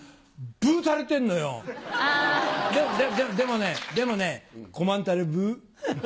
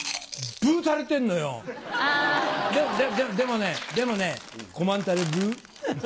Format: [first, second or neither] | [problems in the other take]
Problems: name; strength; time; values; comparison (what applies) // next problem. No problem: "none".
first | background sound (Chewing, mastication); 15 dB below the speech